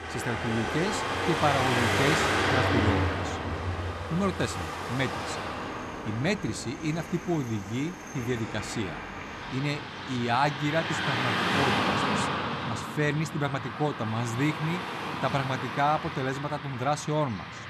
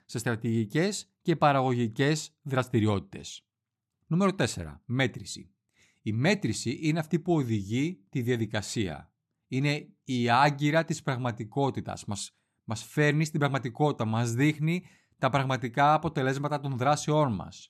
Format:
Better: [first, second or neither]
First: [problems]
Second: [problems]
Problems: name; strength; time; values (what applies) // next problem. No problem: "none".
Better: second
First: traffic noise; loud; throughout; as loud as the speech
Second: none